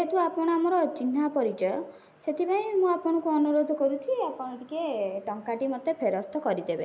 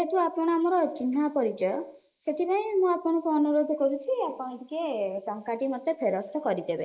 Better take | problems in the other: first | noise reduction (neural mask model Resemble Enhance denoiser)

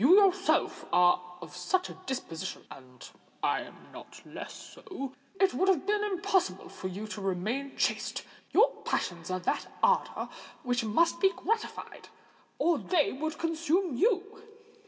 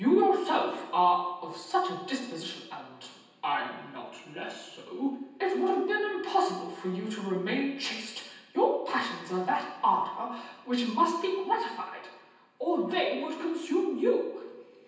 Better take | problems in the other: first | room echo; dies away in 0.9 s

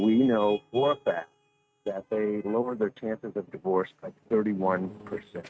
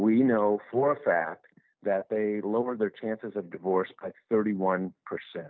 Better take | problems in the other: second | noise reduction (neural mask model RNNoise)

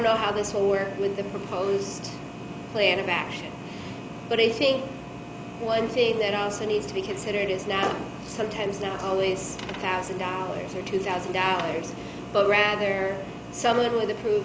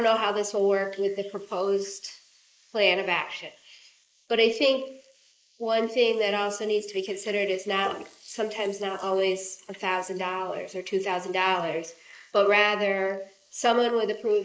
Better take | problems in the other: first | noise reduction (neural mask model Resemble Enhance denoiser)

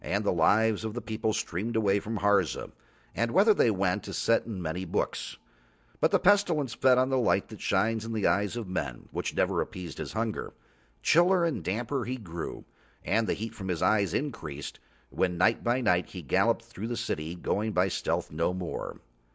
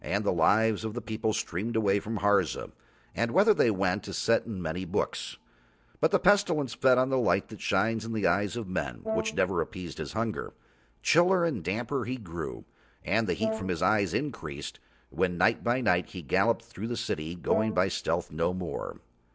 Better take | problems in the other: first | background sound (Brass instrument); 9 dB below the speech

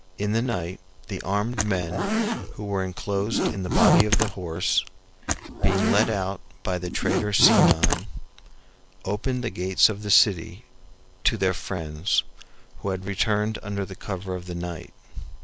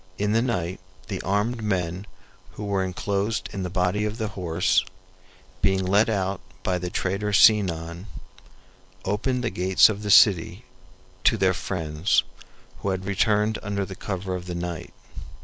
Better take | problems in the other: second | background sound (Zipper (clothing)); 1 dB above the speech

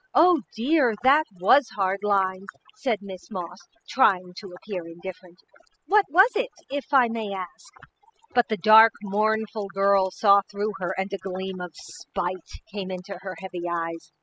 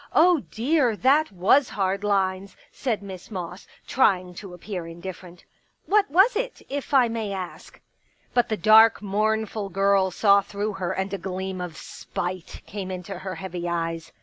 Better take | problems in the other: second | noise reduction (classical method spectral subtraction)

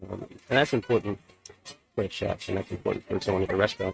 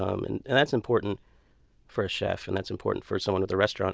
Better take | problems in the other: second | noise reduction (neural mask model RNNoise)

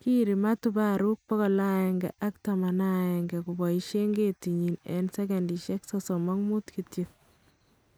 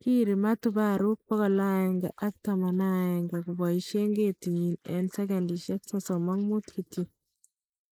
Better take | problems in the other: first | noise reduction (neural mask model Resemble Enhance denoiser)

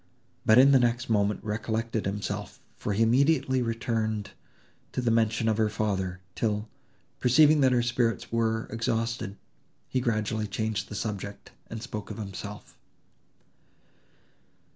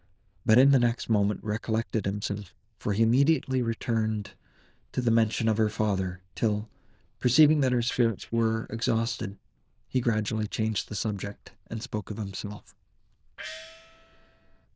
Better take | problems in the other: first | noise reduction (neural diffusion model UNIVERSE++)

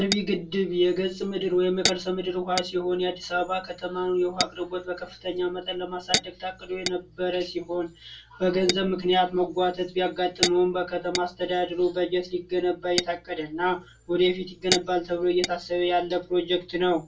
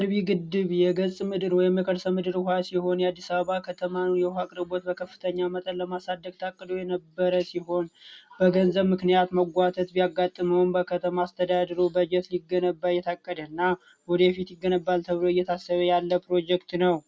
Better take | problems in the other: second | background sound (Tap / Glass); 9 dB below the speech // room echo; dies away in 0.2 s

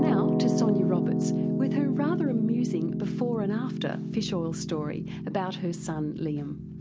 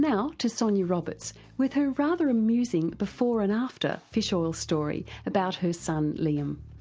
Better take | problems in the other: second | background sound (Piano); 2 dB above the speech

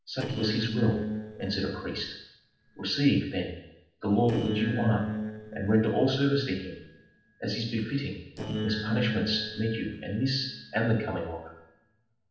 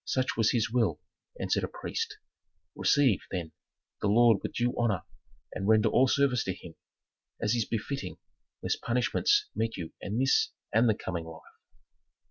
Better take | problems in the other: second | noise reduction (neural separator model SepFormer DNS4)

